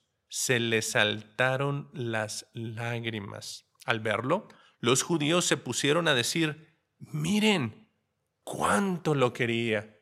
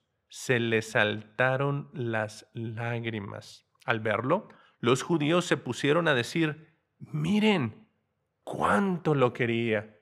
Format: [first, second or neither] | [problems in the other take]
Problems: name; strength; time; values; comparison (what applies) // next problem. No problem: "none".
first | muffled; slightly; fading above 3.5 kHz